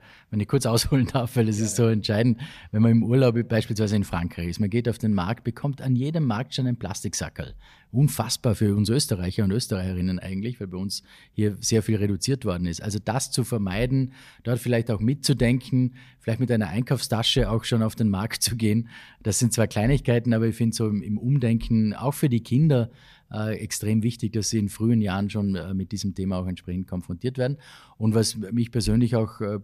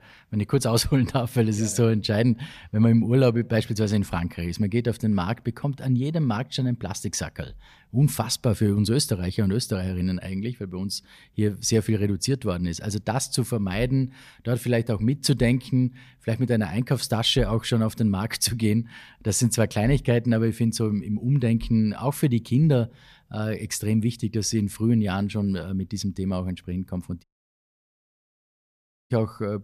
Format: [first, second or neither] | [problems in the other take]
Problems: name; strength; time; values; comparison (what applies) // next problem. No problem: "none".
first | audio cutting out; at 27 s for 2 s